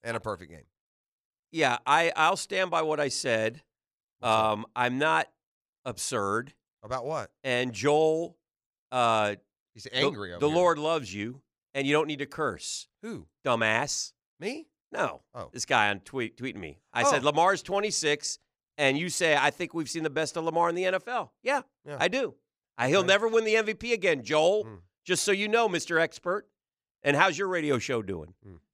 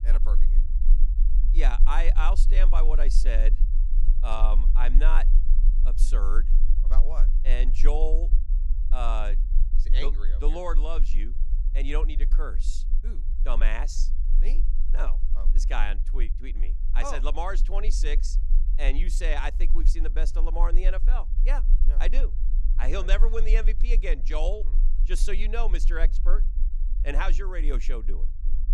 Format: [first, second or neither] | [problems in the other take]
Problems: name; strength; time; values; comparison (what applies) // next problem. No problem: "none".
first | low rumble; noticeable; throughout; 15 dB below the speech